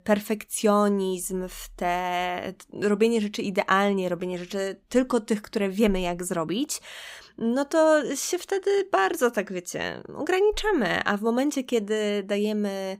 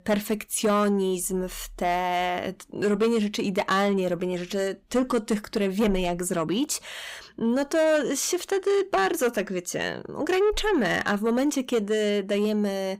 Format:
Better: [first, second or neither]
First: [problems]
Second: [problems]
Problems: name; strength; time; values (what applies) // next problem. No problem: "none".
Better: first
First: none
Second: distortion; slight; 10 dB below the speech